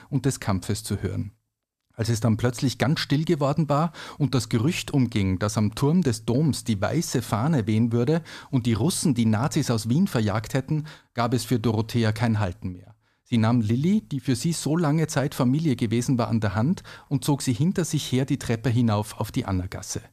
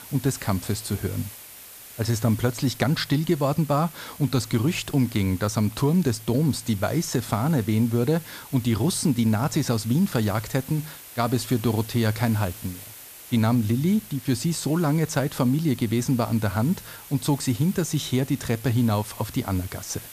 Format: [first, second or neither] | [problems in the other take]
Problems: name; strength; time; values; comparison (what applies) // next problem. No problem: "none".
first | hiss; noticeable; throughout; 15 dB below the speech